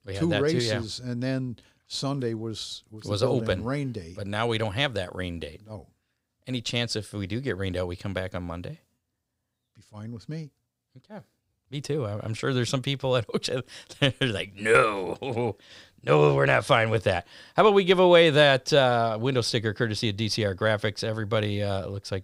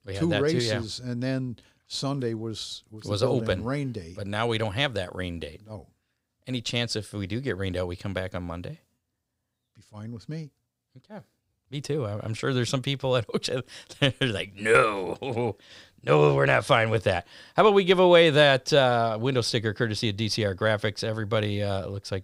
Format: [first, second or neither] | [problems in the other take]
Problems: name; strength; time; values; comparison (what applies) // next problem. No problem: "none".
neither | none